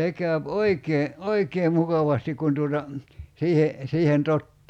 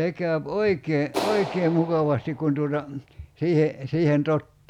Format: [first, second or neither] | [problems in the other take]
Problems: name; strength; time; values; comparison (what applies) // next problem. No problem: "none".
first | background sound (Clapping); 13 dB below the speech